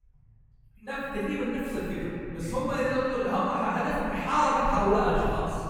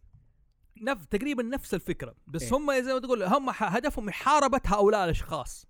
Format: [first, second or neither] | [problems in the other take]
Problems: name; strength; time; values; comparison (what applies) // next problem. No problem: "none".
second | off-mic speech; far // room echo; strong; dies away in 2.8 s